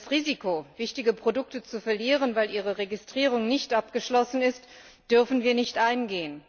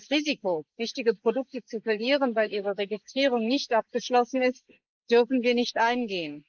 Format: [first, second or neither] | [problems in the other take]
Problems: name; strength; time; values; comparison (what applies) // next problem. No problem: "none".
first | noise reduction (neural mask model Resemble Enhance denoiser)